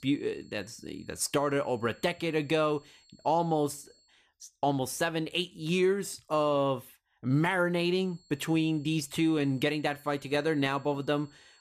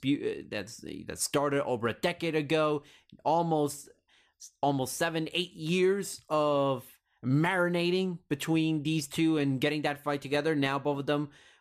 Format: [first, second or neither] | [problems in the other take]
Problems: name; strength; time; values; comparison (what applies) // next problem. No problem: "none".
second | high-pitched whine; faint; until 4 s and from 8 s on; 4.5 kHz, 30 dB below the speech